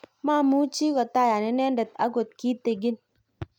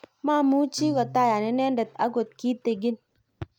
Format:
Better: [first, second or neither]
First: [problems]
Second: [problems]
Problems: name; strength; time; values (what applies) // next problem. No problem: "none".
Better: first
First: none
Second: background sound (Acoustic guitar); 19 dB below the speech